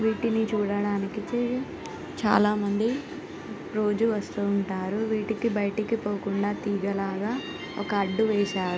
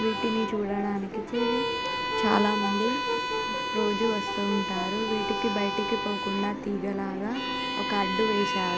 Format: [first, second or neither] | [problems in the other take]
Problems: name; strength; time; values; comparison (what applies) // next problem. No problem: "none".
first | background sound (Brass instrument + Bowed string instrument); 1 dB below the speech